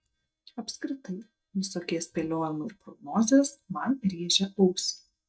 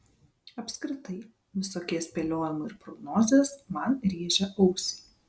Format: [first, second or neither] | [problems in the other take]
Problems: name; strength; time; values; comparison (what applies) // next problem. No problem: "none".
second | noise reduction (neural mask model DeepFilterNet 3)